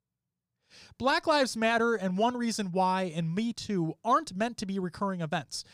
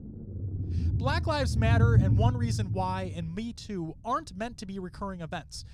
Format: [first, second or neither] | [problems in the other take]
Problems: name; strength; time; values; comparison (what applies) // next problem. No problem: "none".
first | low rumble; loud; throughout; 7 dB below the speech